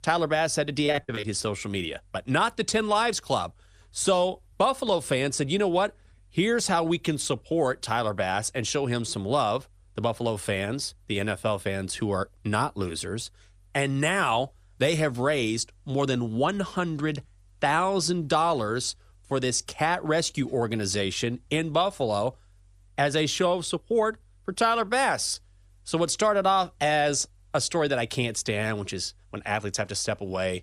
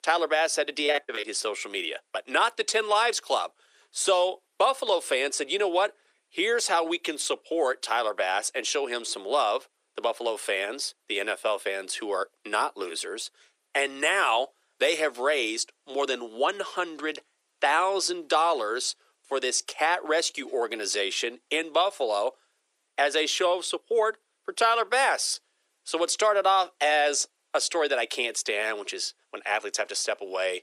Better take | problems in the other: first | thin; very; fading below 350 Hz

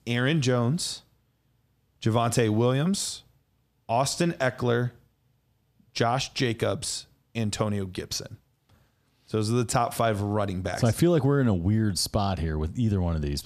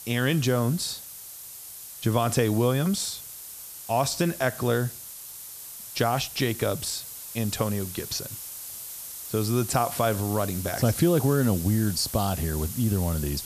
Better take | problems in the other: first | hiss; loud; throughout; 10 dB below the speech

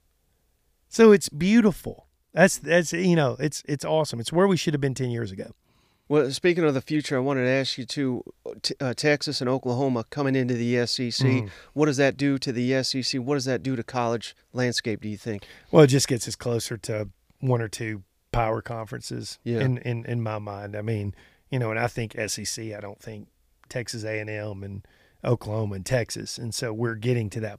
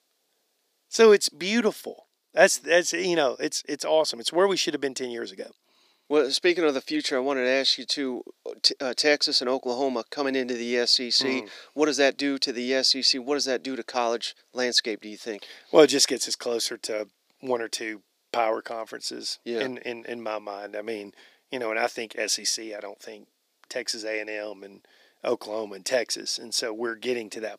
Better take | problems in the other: first | thin; somewhat; fading below 300 Hz

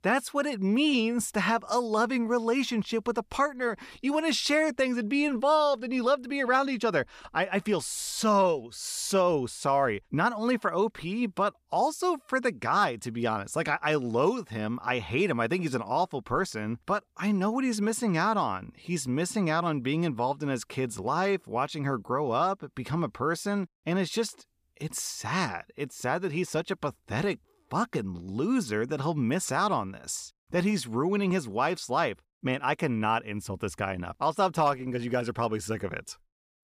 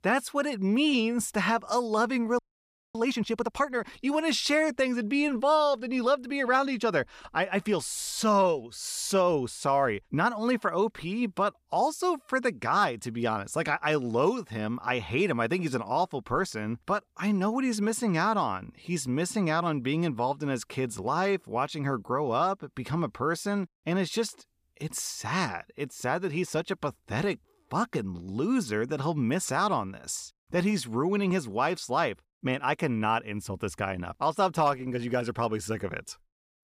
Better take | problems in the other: first | audio freezing; at 2.5 s for 0.5 s

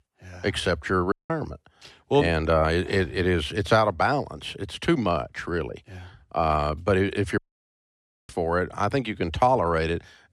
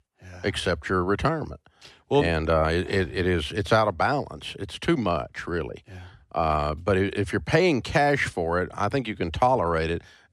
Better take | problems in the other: second | audio cutting out; at 1 s and at 7.5 s for 1 s

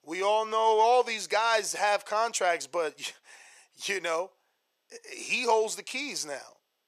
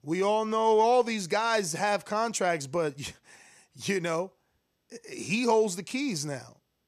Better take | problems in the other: second | thin; very; fading below 600 Hz

